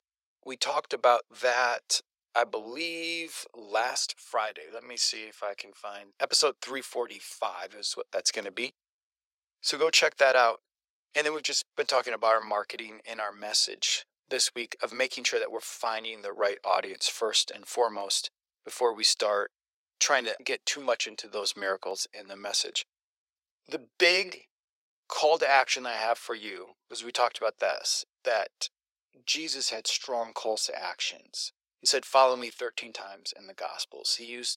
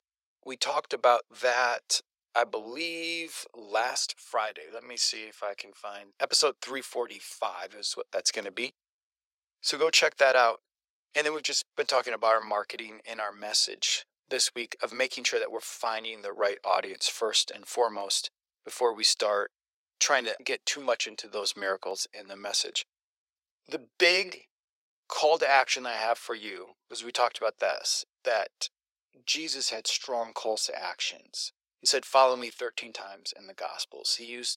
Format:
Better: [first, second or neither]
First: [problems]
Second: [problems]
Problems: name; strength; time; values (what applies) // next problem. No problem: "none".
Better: neither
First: thin; very; fading below 450 Hz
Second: thin; very; fading below 450 Hz